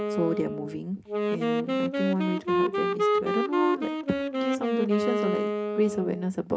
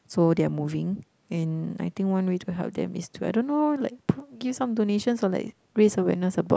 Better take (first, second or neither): second